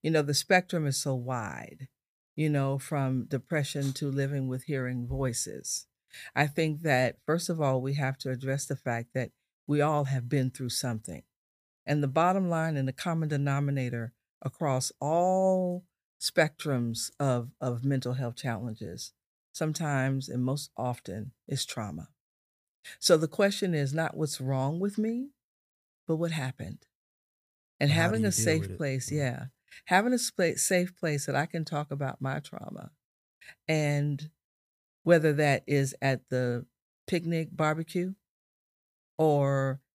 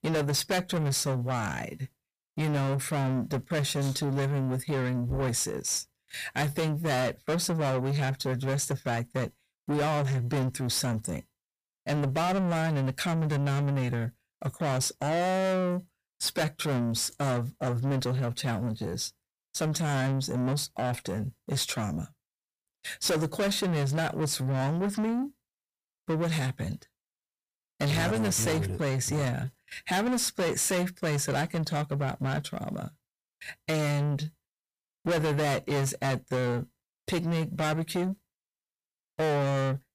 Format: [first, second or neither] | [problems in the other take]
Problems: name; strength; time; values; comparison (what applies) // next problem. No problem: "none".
first | distortion; heavy; 6 dB below the speech